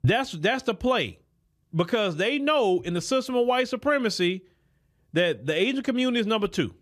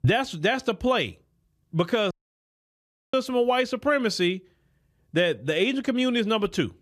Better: first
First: none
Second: audio cutting out; at 2 s for 1 s

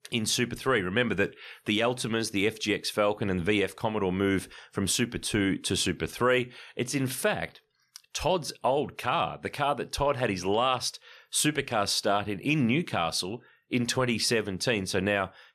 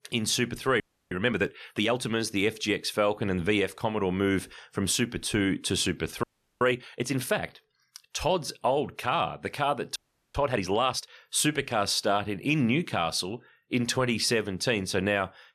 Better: first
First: none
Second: audio freezing; at 1 s, at 6 s and at 10 s

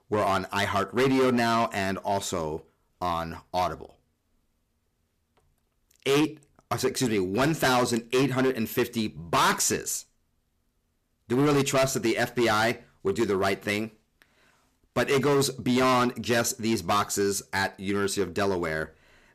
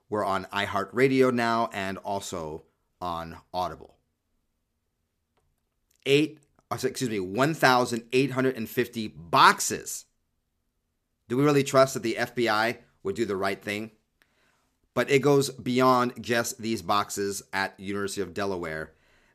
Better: second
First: distortion; heavy; 10% of the sound clipped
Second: none

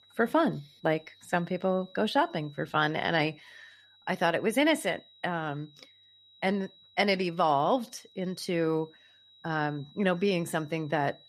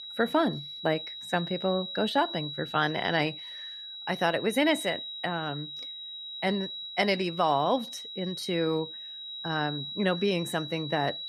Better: first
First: high-pitched whine; faint; throughout; 4 kHz, 25 dB below the speech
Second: high-pitched whine; loud; throughout; 4 kHz, 8 dB below the speech

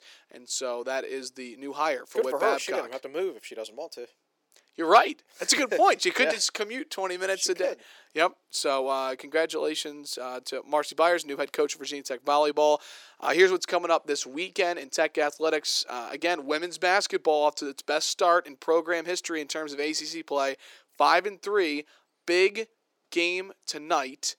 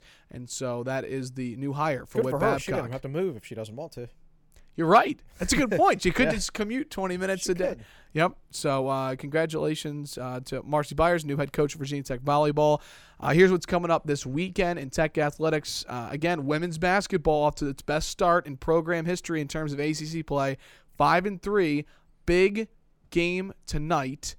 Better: second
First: thin; somewhat; fading below 350 Hz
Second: none

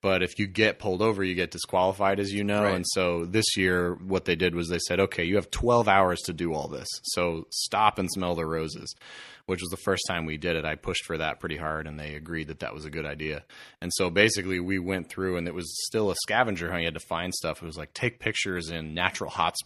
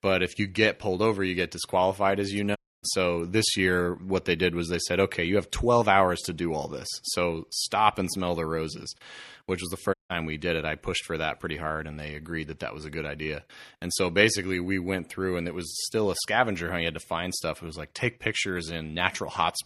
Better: first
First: none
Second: audio cutting out; at 2.5 s and at 10 s

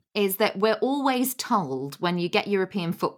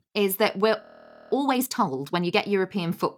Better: first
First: none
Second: audio freezing; at 1 s for 0.5 s

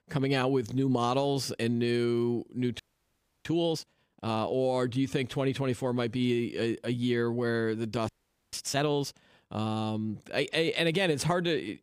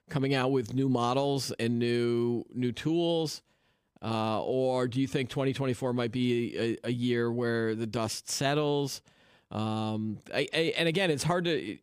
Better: second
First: audio freezing; at 3 s for 0.5 s and at 8 s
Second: none

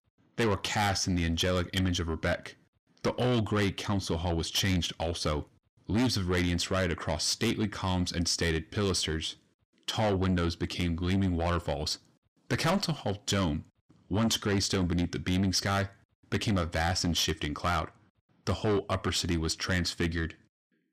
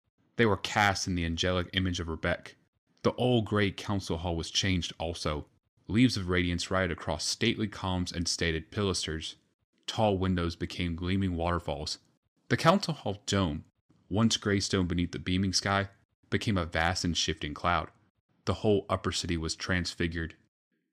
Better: second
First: distortion; heavy; 8 dB below the speech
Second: none

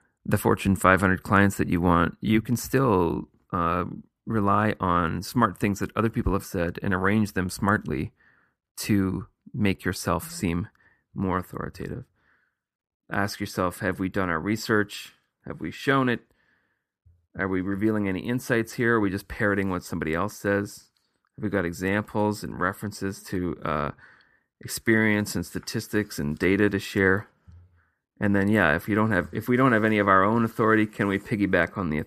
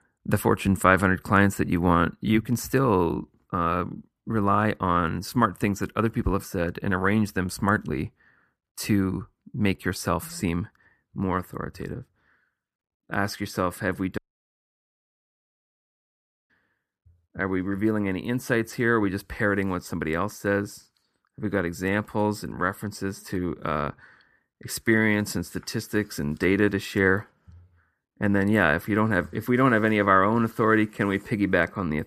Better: first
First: none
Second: audio cutting out; at 14 s for 2.5 s

